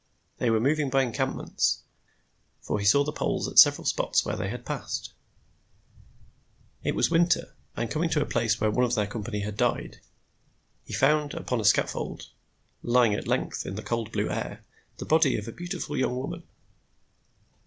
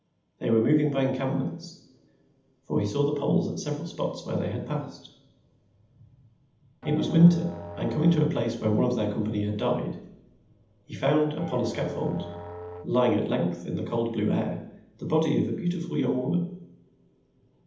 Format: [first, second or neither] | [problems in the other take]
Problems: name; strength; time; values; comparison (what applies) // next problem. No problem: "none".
first | background sound (Musical instrument); 14 dB below the speech // room echo; dies away in 0.8 s